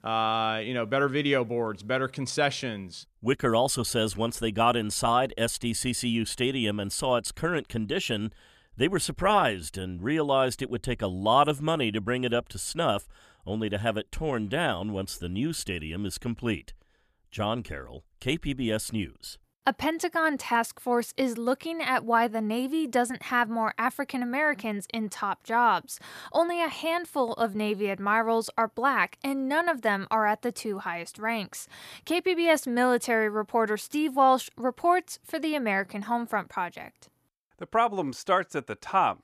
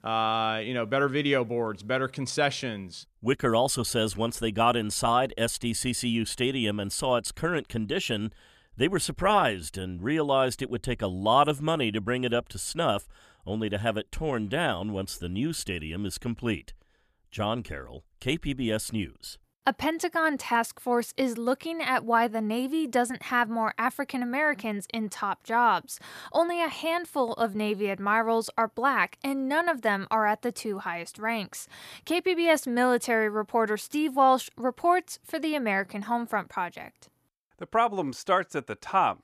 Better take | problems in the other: neither | none

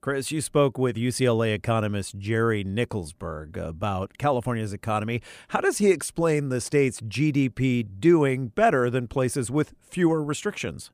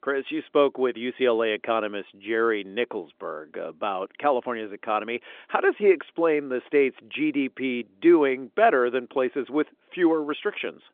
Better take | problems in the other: first | phone-call audio; nothing above 3.5 kHz

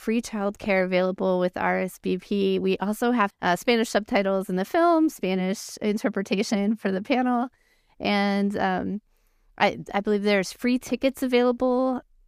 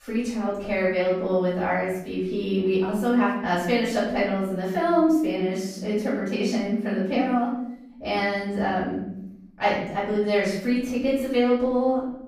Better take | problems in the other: first | room echo; noticeable; dies away in 0.8 s // off-mic speech; far

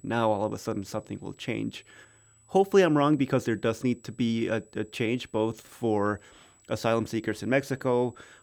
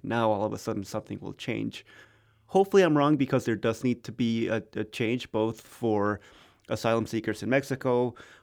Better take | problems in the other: second | high-pitched whine; faint; throughout; 8 kHz, 30 dB below the speech

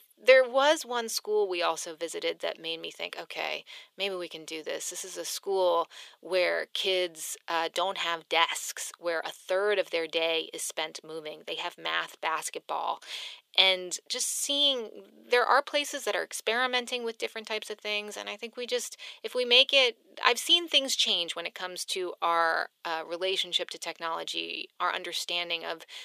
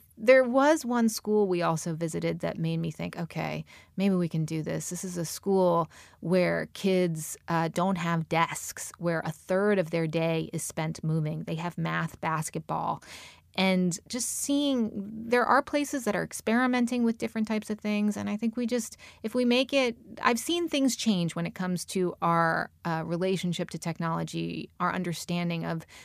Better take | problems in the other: second | thin; very; fading below 400 Hz

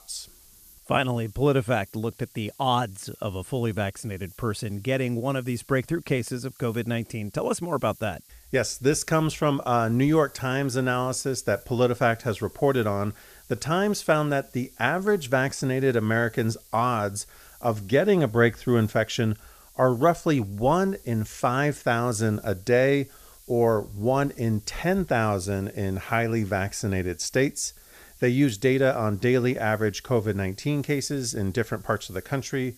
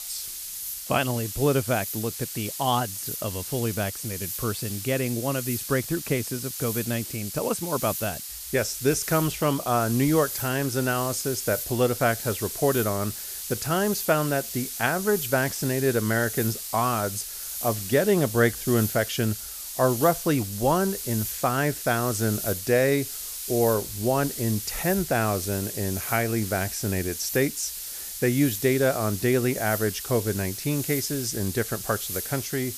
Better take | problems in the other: first | hiss; loud; throughout; 6 dB below the speech; faint in the first

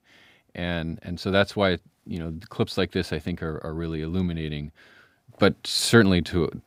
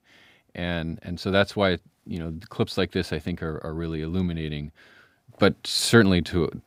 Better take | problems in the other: neither | none

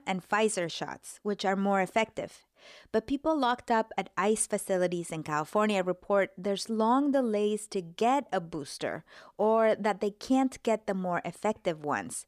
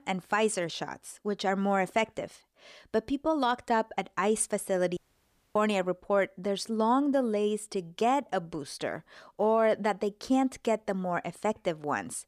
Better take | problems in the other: first | audio cutting out; at 5 s for 0.5 s

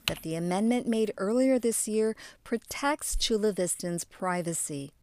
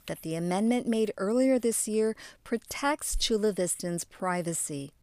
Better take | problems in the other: second | household noises; loud; until 1.5 s; 8 dB below the speech; faint in the second

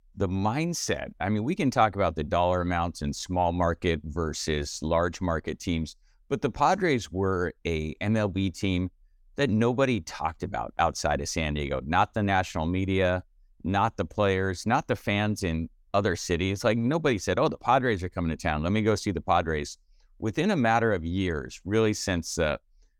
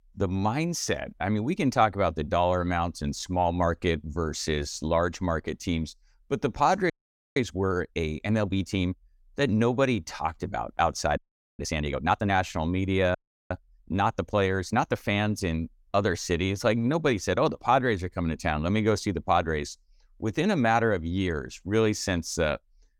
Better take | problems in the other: first | audio freezing; at 7 s, at 11 s and at 13 s

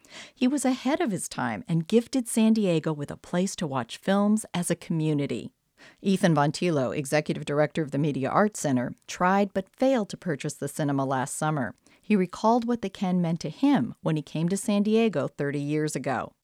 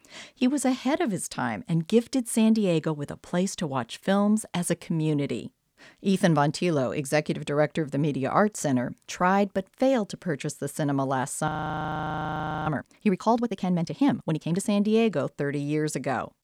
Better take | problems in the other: first | audio freezing; at 11 s for 1 s

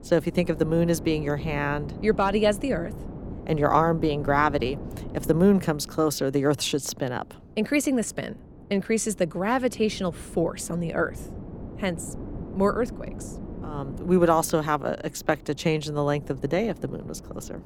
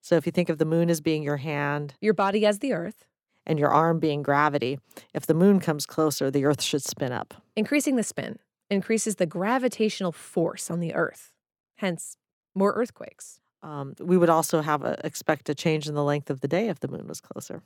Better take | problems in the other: second | wind noise on the microphone; occasional gusts; 20 dB below the speech

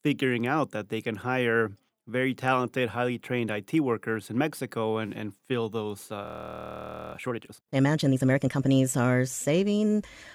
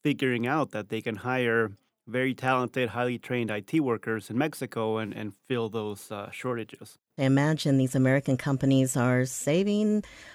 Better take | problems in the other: second | audio freezing; at 6.5 s for 1 s

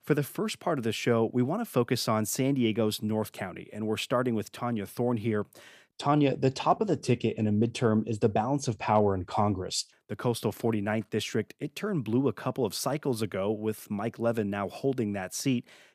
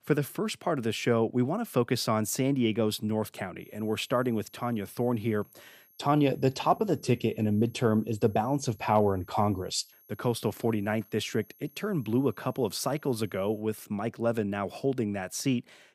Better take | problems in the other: first | high-pitched whine; faint; from 3.5 to 14 s; 11.5 kHz, 30 dB below the speech

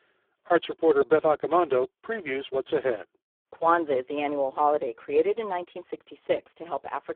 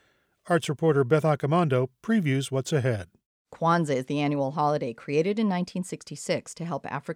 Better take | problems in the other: second | phone-call audio; poor line

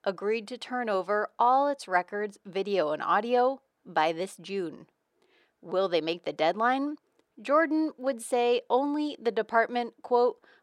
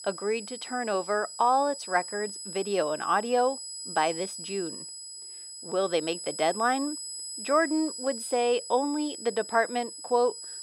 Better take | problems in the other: first | high-pitched whine; loud; throughout; 8 kHz, 9 dB below the speech

